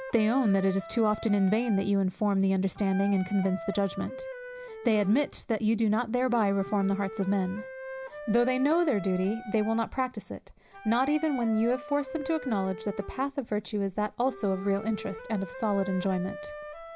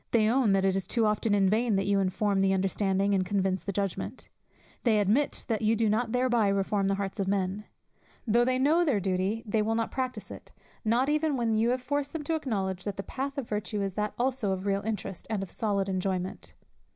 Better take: second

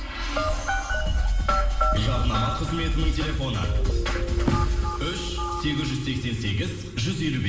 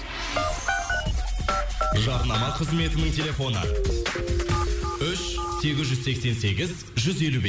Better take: second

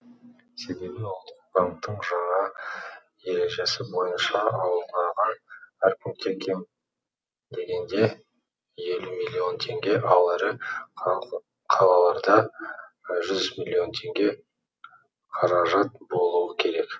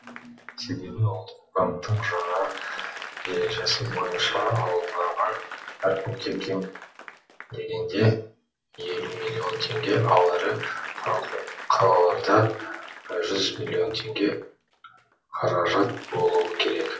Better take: first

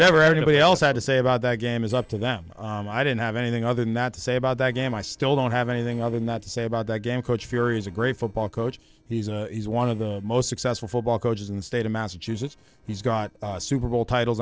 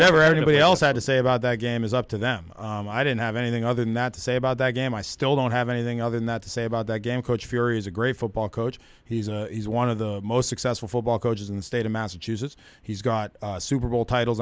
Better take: second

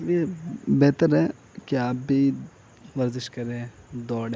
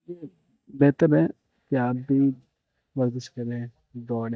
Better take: first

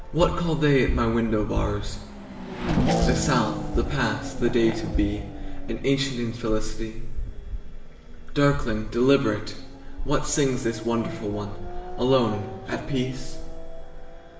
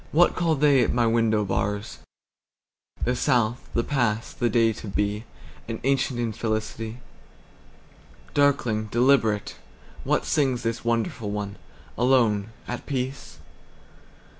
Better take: second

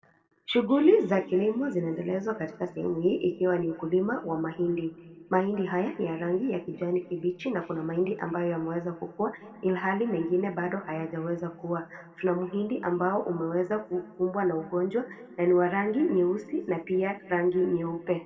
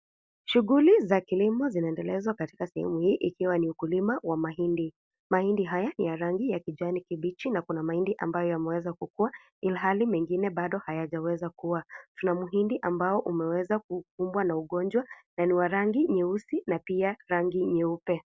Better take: second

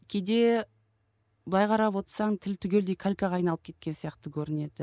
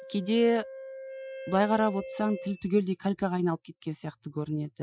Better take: first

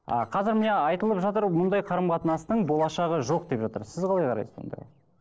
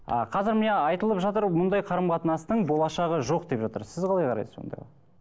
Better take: second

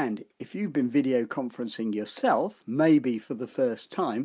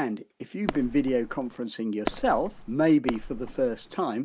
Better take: first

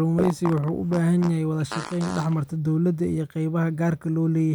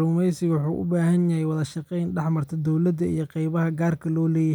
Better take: second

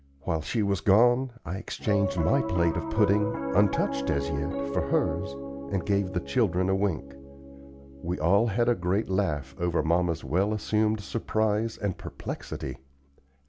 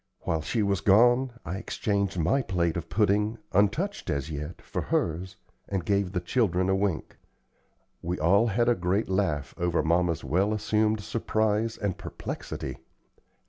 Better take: second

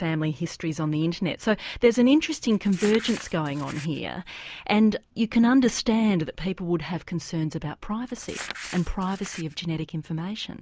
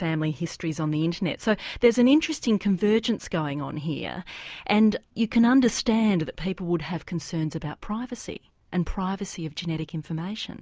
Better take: second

